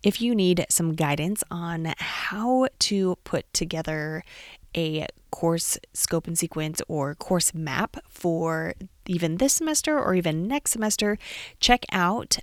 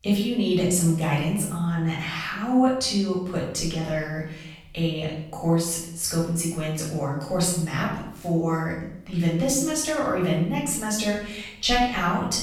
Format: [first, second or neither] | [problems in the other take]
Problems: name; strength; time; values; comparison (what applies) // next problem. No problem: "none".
first | off-mic speech; far // room echo; noticeable; dies away in 0.7 s